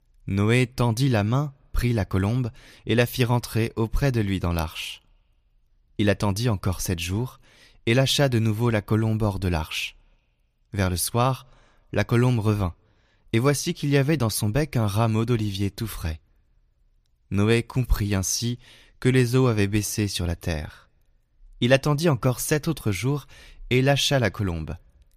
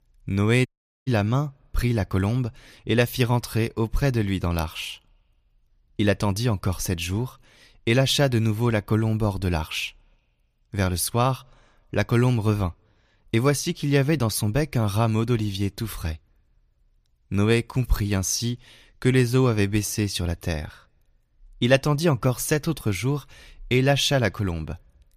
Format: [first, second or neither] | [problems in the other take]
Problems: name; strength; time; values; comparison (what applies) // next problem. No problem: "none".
first | audio cutting out; at 0.5 s